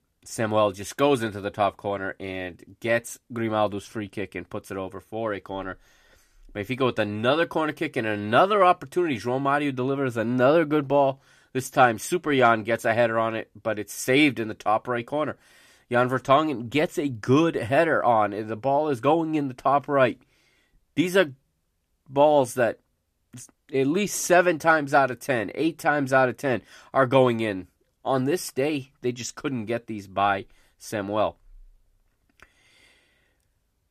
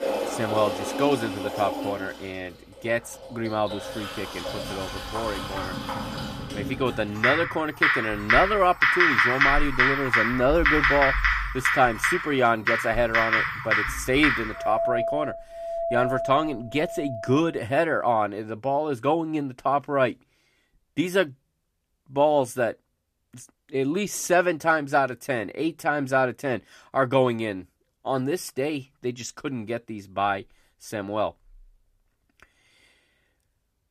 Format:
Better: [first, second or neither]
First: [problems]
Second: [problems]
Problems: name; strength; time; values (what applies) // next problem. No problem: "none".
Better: first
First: none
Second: household noises; very loud; until 17 s; 1 dB above the speech